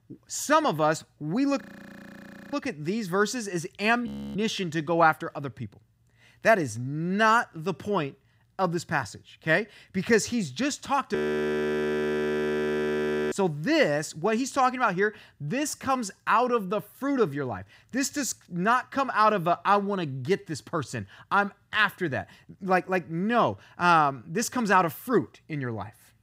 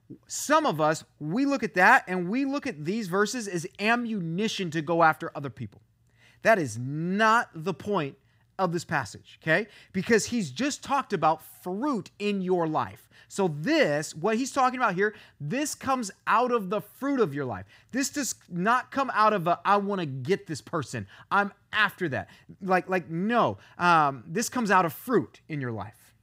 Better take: second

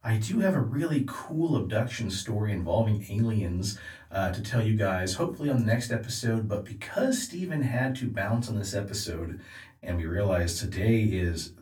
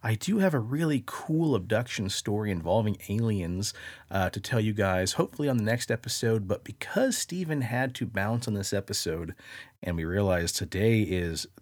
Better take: second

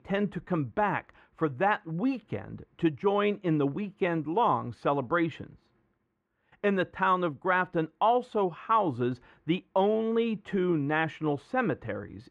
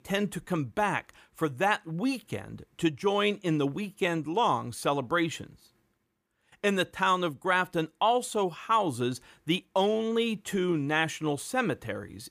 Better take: second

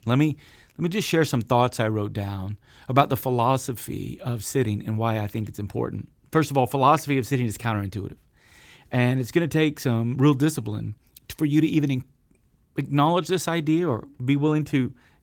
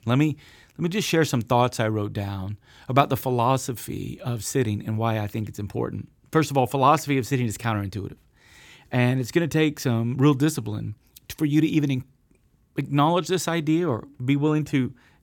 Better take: second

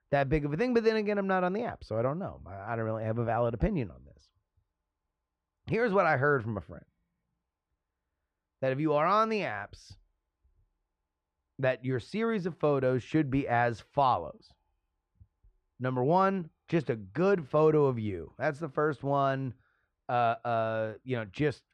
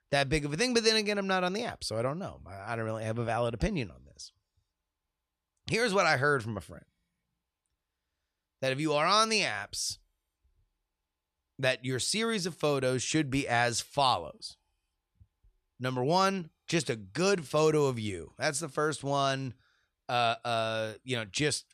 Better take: second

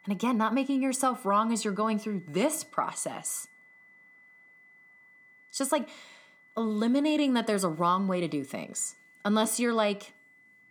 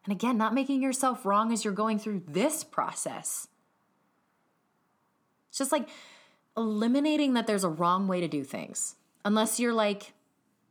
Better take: second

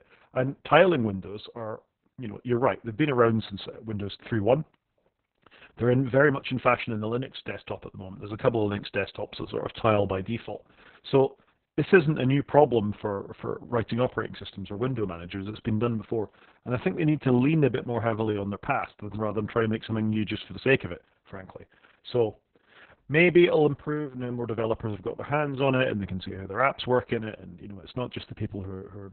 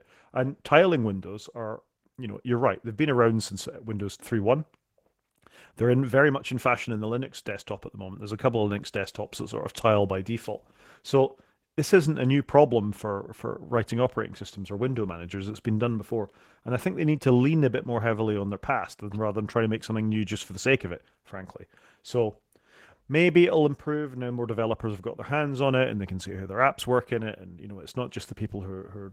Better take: second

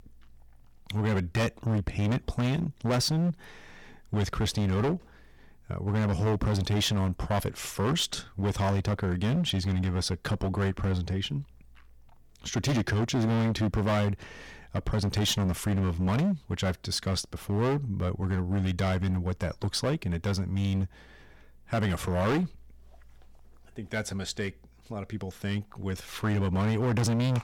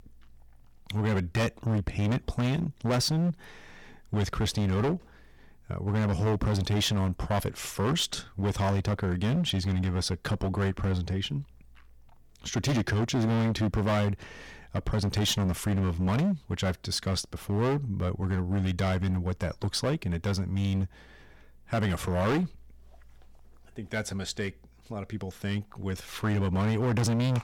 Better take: neither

